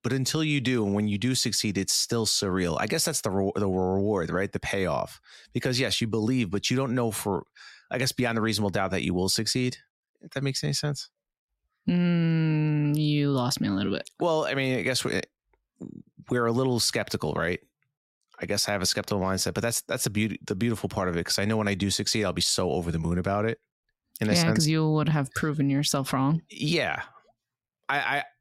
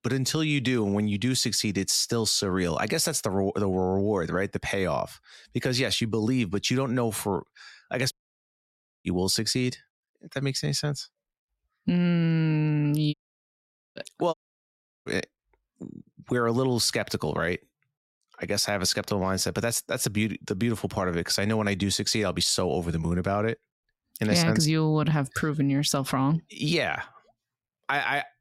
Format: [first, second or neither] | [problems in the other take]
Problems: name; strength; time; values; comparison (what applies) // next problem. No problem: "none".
first | audio cutting out; at 8 s for 1 s, at 13 s for 1 s and at 14 s for 0.5 s